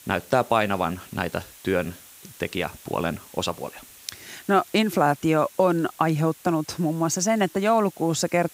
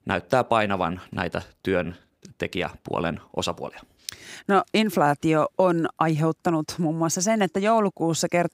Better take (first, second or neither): second